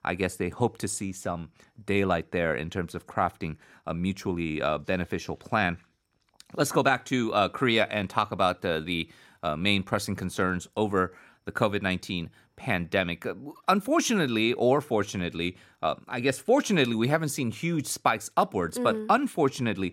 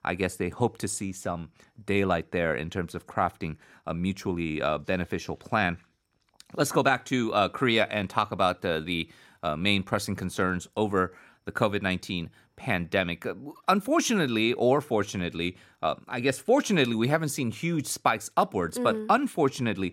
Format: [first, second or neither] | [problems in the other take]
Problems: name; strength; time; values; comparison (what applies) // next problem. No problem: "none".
neither | none